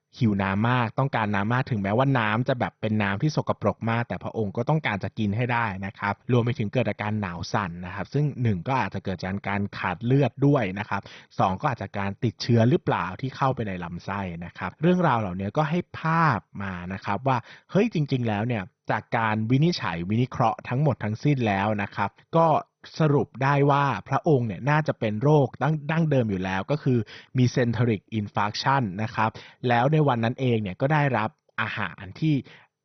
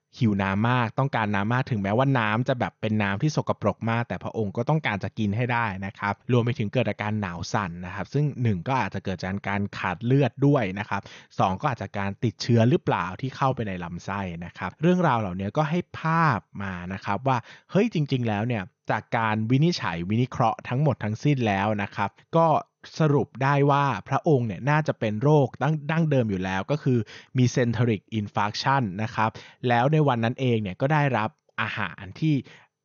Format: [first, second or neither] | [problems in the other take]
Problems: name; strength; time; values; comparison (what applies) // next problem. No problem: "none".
second | garbled, watery; badly; nothing above 6 kHz; slightly in the second